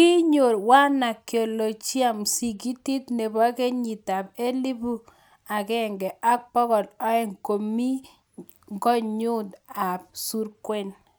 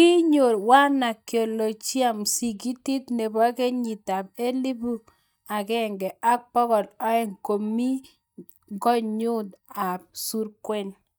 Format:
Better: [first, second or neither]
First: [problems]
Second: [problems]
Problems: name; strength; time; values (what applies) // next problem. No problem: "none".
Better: first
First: none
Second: noise reduction (neural mask model DeepFilterNet 3)